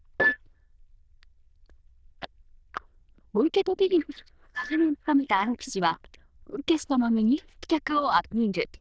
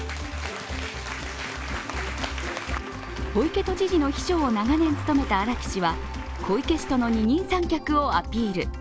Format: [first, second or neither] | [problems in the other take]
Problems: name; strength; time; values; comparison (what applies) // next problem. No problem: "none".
second | noise reduction (neural diffusion model UNIVERSE++)